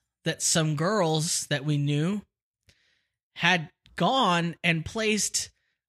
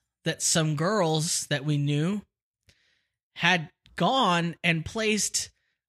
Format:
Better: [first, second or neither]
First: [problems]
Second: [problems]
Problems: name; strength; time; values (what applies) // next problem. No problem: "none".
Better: neither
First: none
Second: none